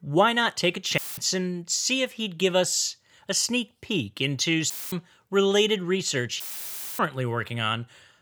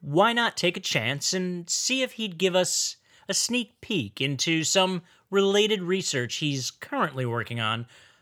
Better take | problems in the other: second | audio cutting out; filled with static; at 1 s, at 4.5 s and at 6.5 s for 0.5 s

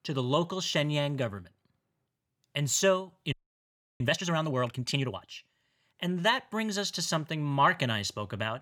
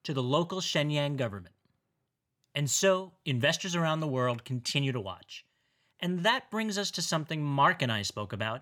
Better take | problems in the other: second | audio freezing; at 3.5 s for 0.5 s

